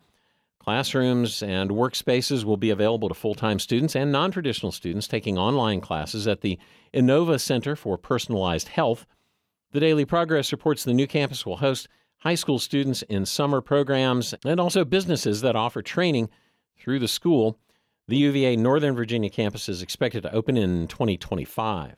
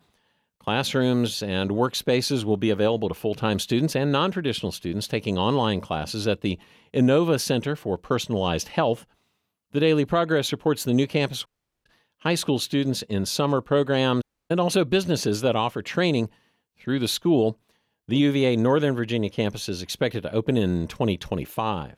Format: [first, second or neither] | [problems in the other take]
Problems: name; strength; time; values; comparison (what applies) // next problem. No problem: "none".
first | audio cutting out; at 11 s and at 14 s